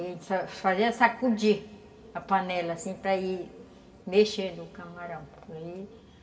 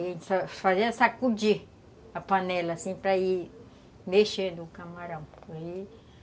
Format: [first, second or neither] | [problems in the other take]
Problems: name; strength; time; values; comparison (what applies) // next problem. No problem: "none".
second | room echo; dies away in 1.5 s